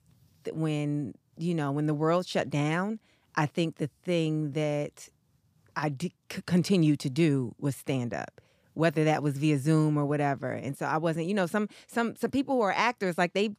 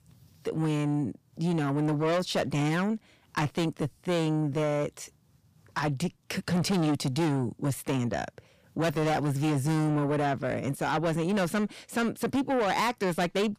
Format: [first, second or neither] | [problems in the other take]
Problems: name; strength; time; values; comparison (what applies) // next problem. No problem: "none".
first | distortion; heavy; 6 dB below the speech